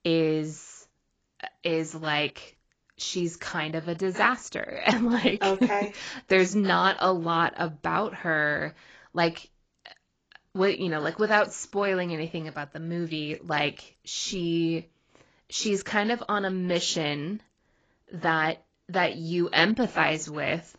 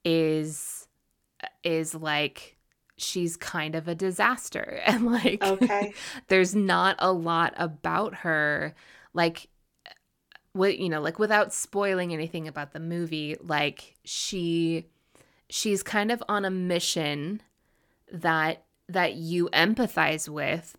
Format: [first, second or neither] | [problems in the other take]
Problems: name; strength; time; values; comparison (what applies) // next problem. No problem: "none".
second | garbled, watery; badly; nothing above 7.5 kHz